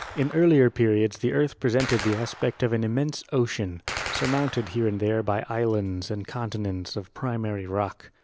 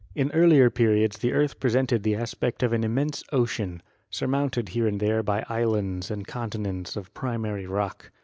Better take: second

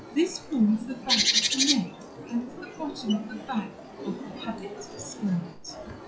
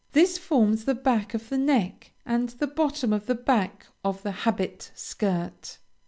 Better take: second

